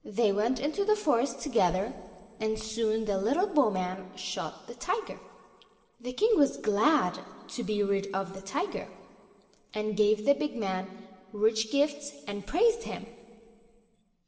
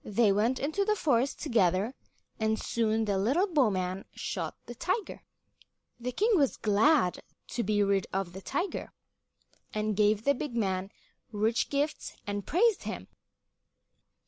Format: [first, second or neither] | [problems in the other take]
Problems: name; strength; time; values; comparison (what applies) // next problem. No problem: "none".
second | room echo; dies away in 1.9 s